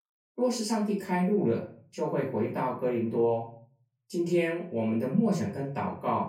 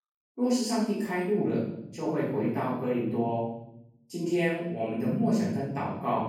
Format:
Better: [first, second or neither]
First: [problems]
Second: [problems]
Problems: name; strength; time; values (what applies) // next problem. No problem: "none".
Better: first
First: room echo; slight; dies away in 0.4 s // off-mic speech; far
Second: room echo; strong; dies away in 0.8 s // off-mic speech; far